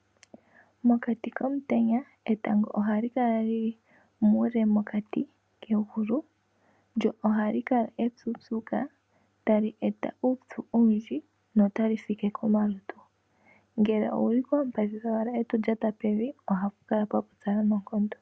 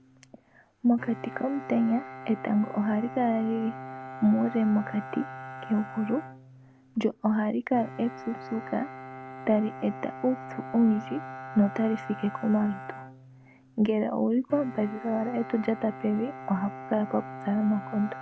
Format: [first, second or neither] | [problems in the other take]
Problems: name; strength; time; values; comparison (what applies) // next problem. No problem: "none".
first | background sound (Bowed string instrument); 13 dB below the speech